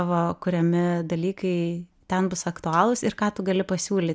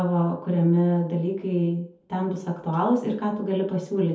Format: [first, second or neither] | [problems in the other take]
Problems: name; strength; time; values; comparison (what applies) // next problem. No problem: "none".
first | room echo; dies away in 0.5 s